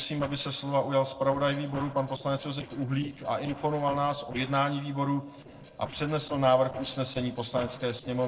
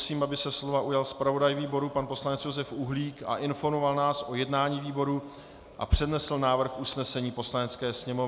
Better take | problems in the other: second | noise reduction (neural separator model SepFormer DNS4)

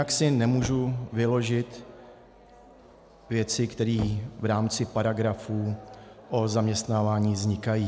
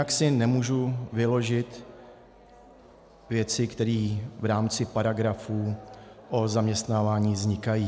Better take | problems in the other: second | background sound (Knock); 18 dB below the speech

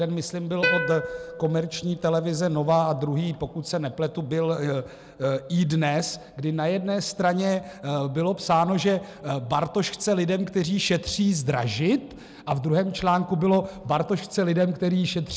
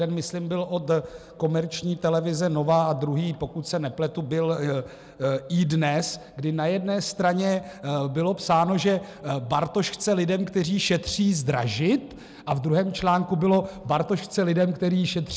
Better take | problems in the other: second | background sound (Plucked string instrument); 7 dB below the speech

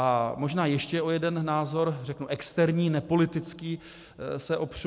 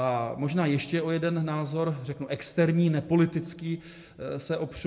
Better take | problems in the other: first | room echo; dies away in 0.6 s

